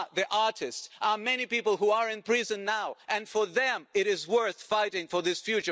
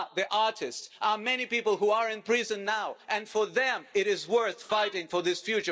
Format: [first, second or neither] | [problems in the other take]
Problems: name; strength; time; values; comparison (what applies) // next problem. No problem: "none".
first | noise reduction (neural mask model DeepFilterNet 3)